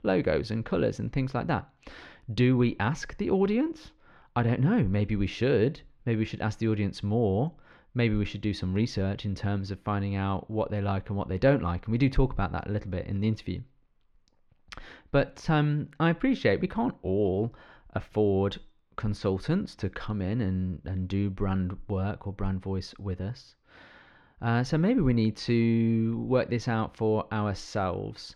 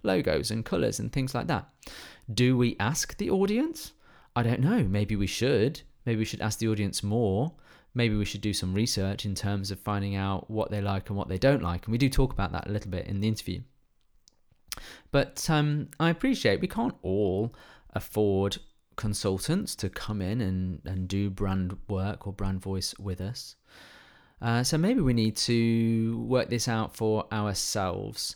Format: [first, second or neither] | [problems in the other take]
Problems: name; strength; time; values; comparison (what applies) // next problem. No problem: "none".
second | muffled; slightly; fading above 2.5 kHz